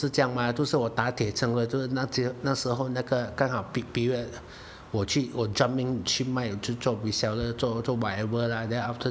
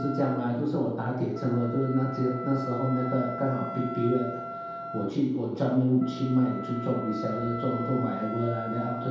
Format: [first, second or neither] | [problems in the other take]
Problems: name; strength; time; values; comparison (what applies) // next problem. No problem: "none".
first | background sound (Wind instrument, woodwind instrument); 10 dB below the speech // room echo; dies away in 0.8 s